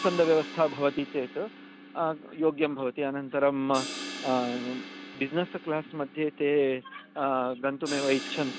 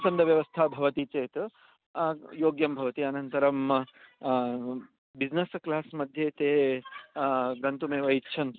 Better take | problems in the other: second | background sound (Crash cymbal); 13 dB below the speech

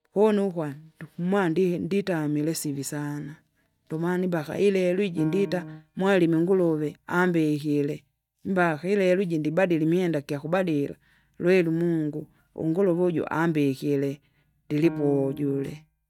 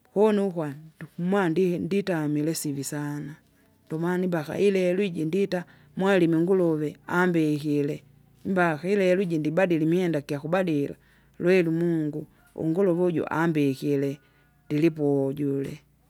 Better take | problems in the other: second | noise reduction (neural mask model DeepFilterNet 3)

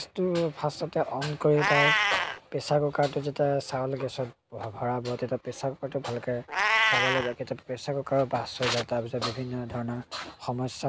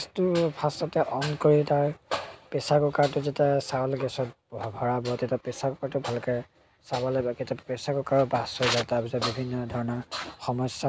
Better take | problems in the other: second | background sound (Meow); 4 dB below the speech

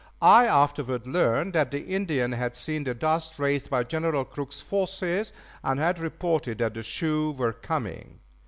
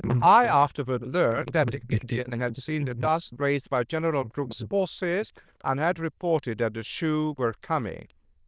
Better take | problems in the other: first | noise reduction (neural diffusion model UNIVERSE++)

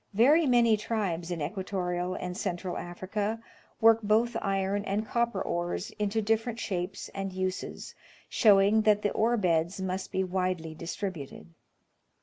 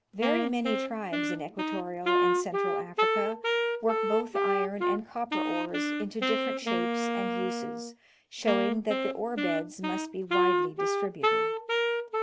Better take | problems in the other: first | background sound (Wind instrument, woodwind instrument); 5 dB above the speech

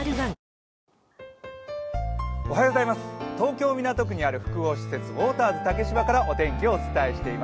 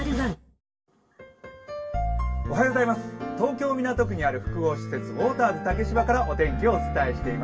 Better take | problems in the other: first | room echo; dies away in 0.1 s

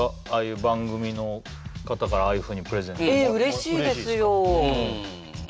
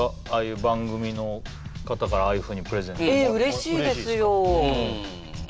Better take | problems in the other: first | background sound (Boat, Water vehicle); 17 dB below the speech

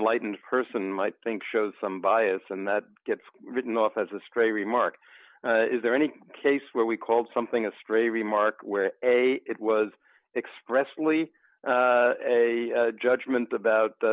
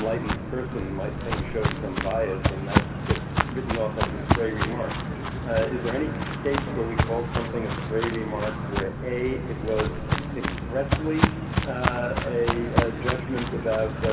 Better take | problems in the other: first | background sound (Walk, footsteps); 2 dB above the speech // room echo; dies away in 2 s

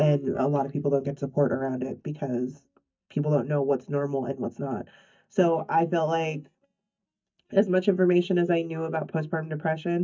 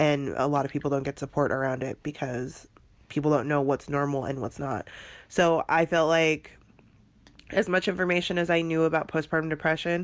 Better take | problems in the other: second | noise reduction (neural mask model DeepFilterNet 3)

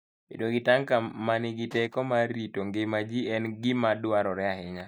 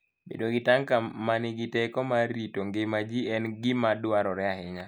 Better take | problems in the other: second | noise reduction (neural mask model DeepFilterNet 3)

